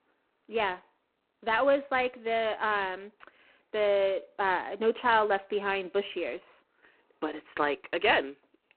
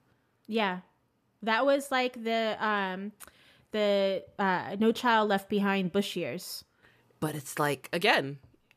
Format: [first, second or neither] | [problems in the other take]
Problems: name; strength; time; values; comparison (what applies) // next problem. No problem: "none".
second | phone-call audio; poor line